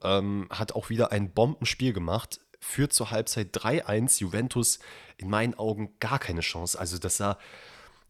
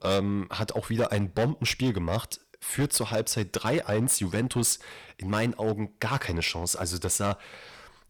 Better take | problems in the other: first | distortion; slight; 7% of the sound clipped

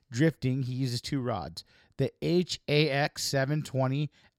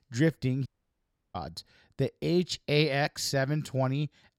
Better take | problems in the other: first | audio cutting out; at 0.5 s for 0.5 s

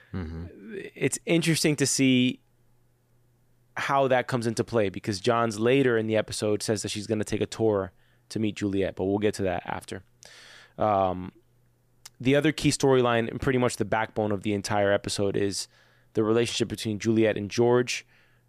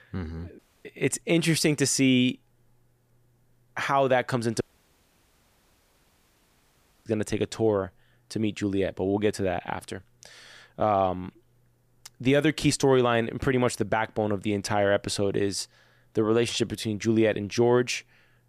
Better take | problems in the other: first | audio cutting out; at 0.5 s and at 4.5 s for 2.5 s

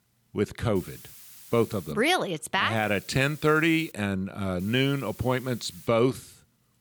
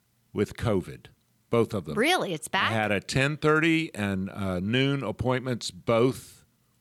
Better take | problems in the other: second | hiss; faint; from 1 to 2 s, from 3 to 4 s and from 4.5 to 6 s; 20 dB below the speech

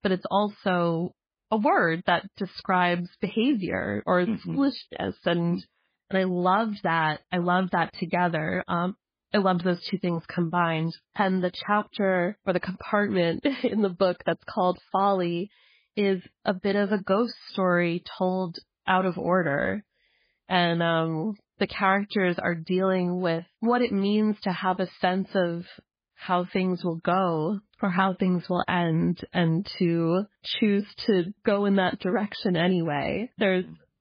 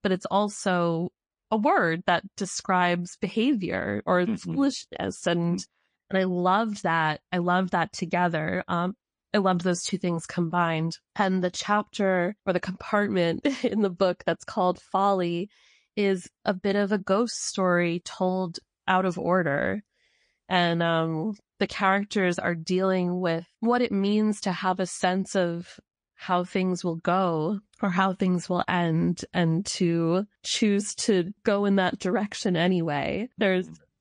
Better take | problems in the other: second | garbled, watery; badly; nothing above 5 kHz; slightly in the second

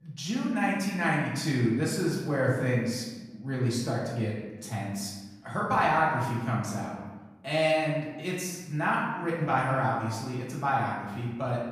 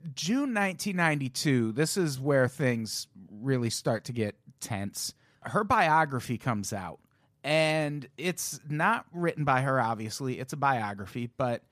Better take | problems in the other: second | room echo; noticeable; dies away in 1.1 s // off-mic speech; far

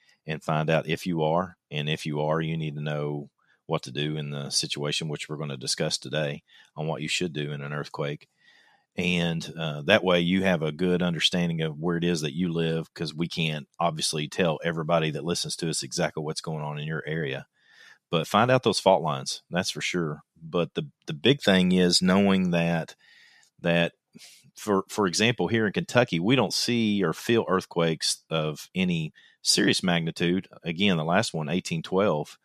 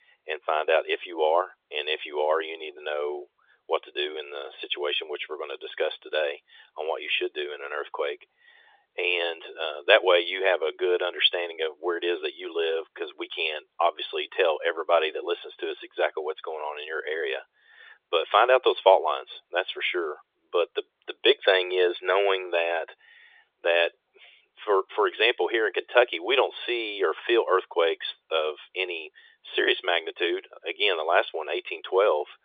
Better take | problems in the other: first | phone-call audio; nothing above 3.5 kHz

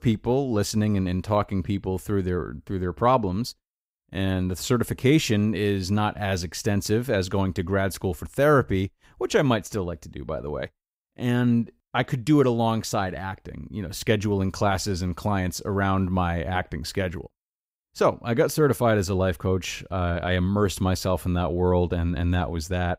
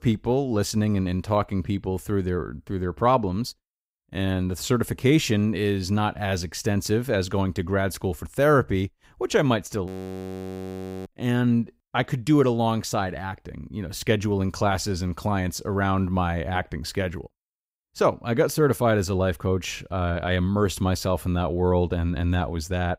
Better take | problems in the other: first | audio freezing; at 10 s for 1 s

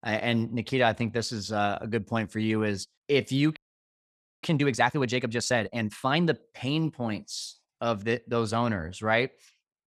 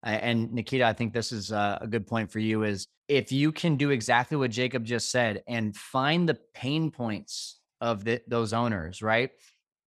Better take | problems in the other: second | audio freezing; at 3.5 s for 1 s

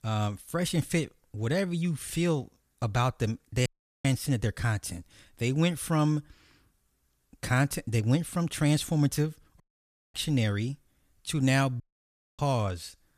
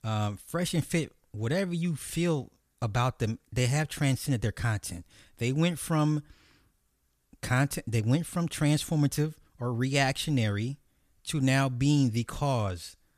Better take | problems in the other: second | audio cutting out; at 3.5 s, at 9.5 s for 0.5 s and at 12 s for 0.5 s

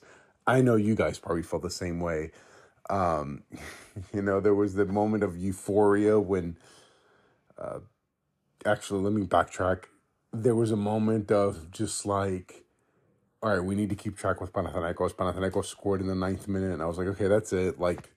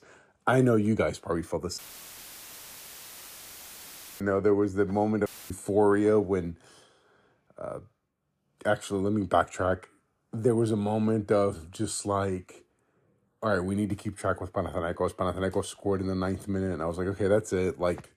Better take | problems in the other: first | audio cutting out; filled with static; at 2 s for 2.5 s and at 5.5 s

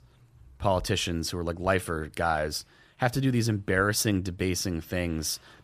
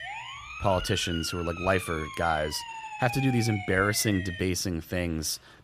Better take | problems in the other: first | siren; noticeable; until 4.5 s; peak 7 dB below the speech

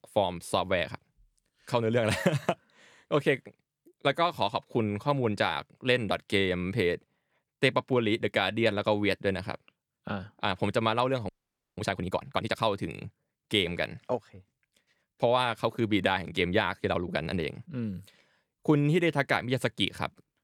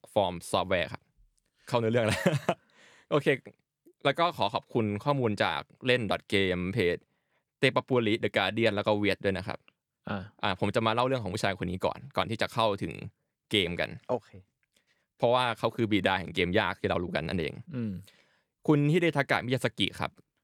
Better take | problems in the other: second | audio freezing; at 11 s

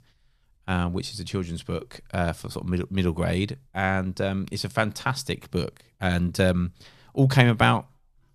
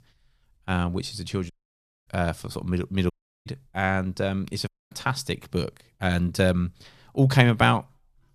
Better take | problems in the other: first | audio cutting out; at 1.5 s for 0.5 s, at 3 s and at 4.5 s

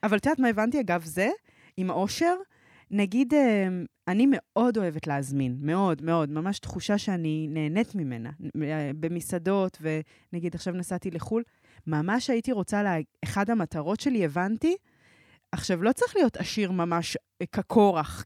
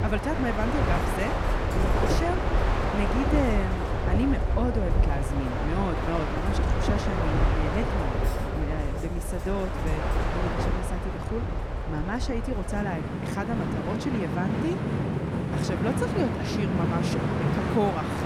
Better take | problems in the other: first | train or aircraft noise; very loud; throughout; 4 dB above the speech

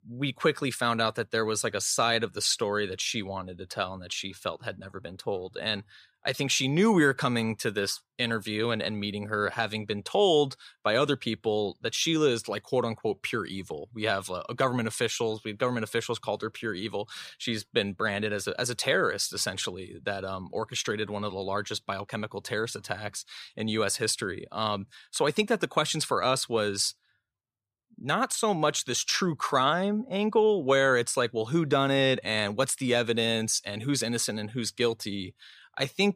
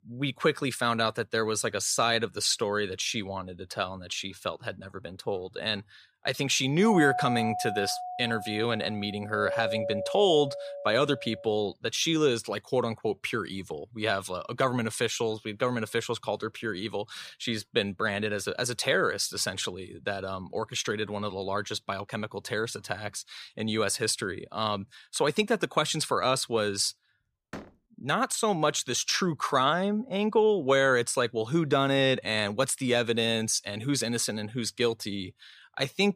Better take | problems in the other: first | doorbell; noticeable; from 7 to 12 s; peak 2 dB below the speech // door banging; faint; at 28 s; peak 15 dB below the speech

